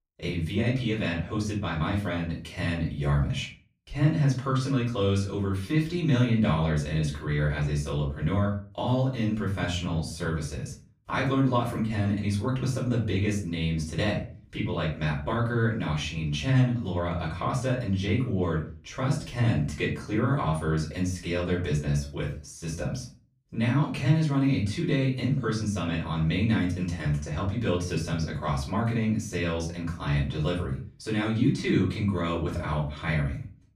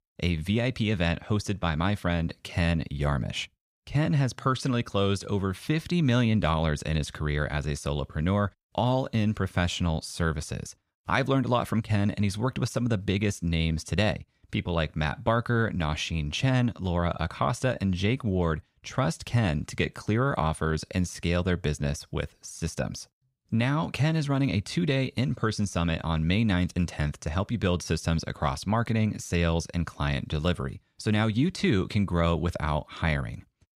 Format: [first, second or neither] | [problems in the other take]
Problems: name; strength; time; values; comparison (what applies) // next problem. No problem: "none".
second | off-mic speech; far // room echo; slight; dies away in 0.3 s